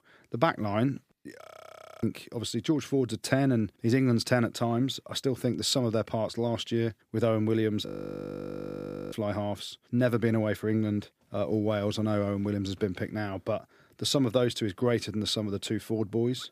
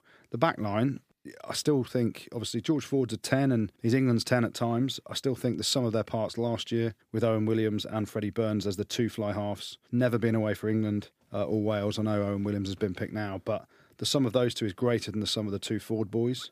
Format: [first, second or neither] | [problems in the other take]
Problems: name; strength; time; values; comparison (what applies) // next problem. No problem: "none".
second | audio freezing; at 1.5 s for 0.5 s and at 8 s for 1 s